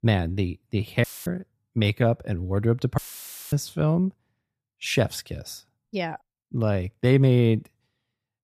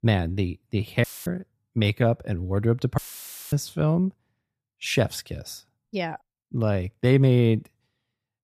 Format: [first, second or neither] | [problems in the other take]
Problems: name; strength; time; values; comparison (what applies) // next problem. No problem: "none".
neither | audio cutting out; filled with static; at 1 s and at 3 s for 0.5 s; the same in both